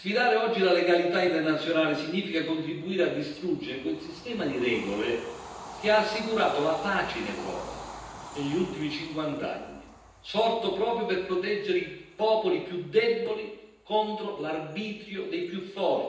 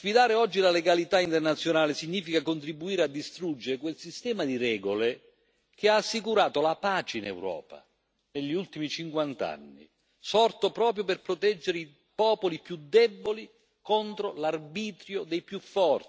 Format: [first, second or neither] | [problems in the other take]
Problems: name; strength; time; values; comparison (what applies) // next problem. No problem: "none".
second | background sound (Train / Bird vocalization, bird call, bird song); 19 dB below the speech // room echo; dies away in 0.9 s